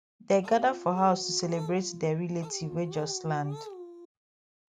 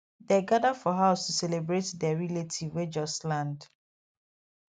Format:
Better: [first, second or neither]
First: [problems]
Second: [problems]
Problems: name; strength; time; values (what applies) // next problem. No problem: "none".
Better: second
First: background sound (Dog); 13 dB below the speech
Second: none